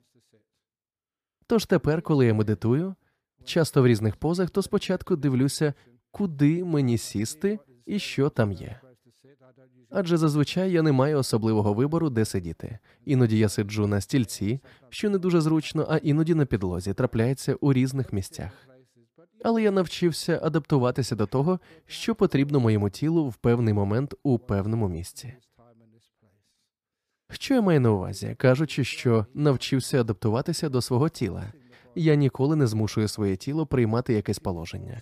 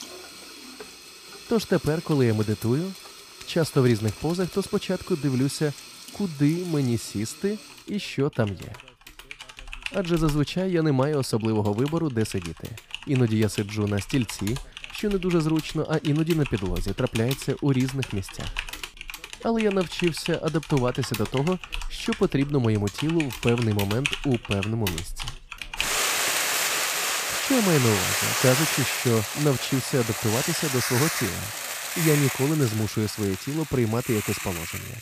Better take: first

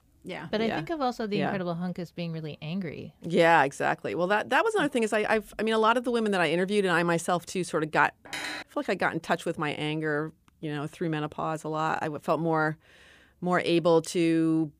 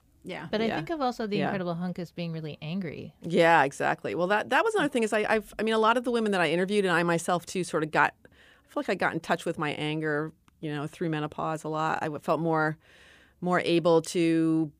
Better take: second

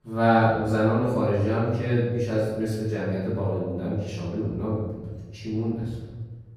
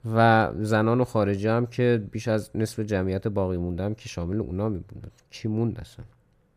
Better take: second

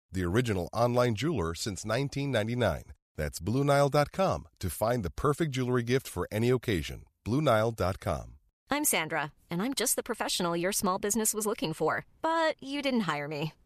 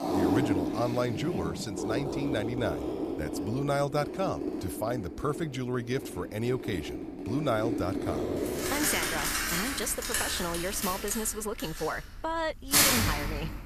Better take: first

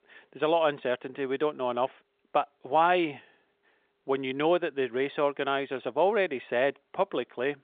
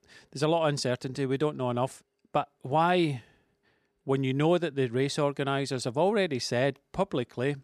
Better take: second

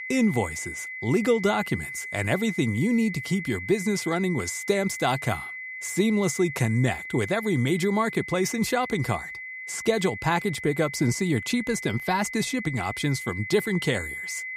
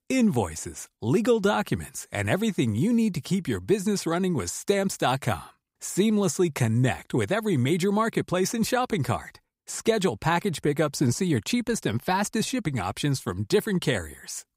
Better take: second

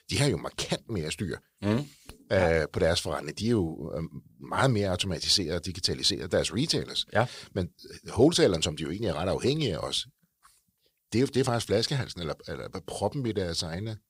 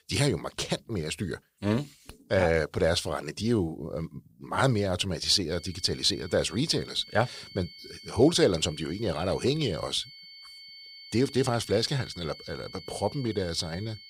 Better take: first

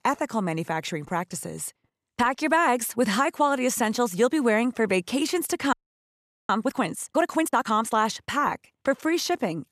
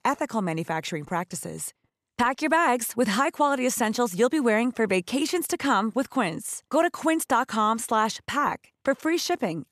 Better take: second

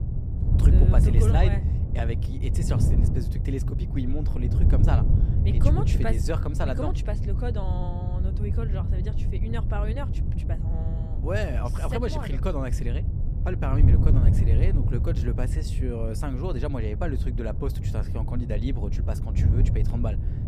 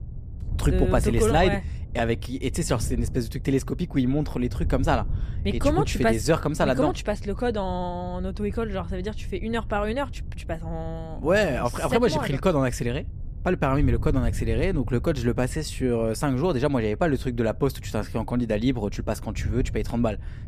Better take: second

